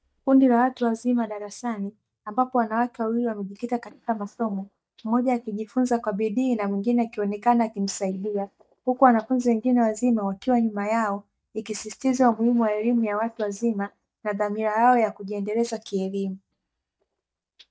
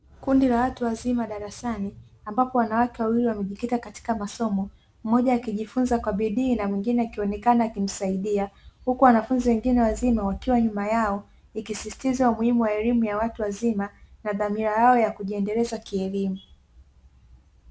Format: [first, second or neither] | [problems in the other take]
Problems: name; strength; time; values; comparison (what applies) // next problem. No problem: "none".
second | noise reduction (neural mask model DeepFilterNet 3)